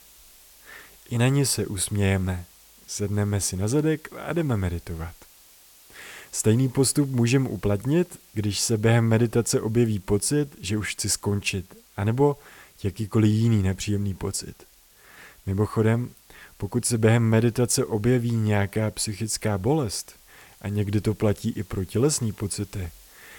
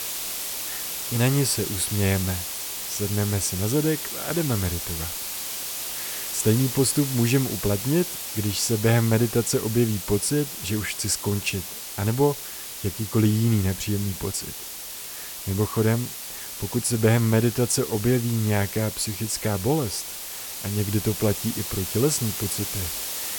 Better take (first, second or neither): first